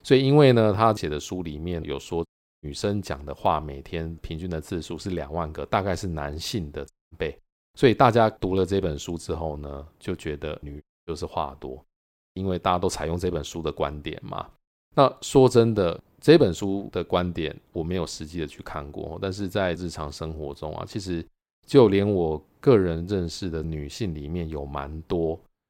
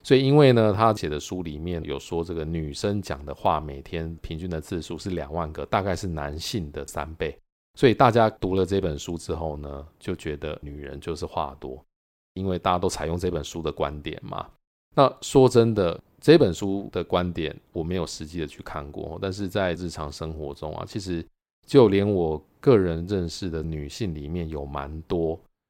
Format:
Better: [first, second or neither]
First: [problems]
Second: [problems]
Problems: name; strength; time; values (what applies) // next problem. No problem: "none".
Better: second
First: audio cutting out; at 2.5 s, at 7 s and at 11 s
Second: none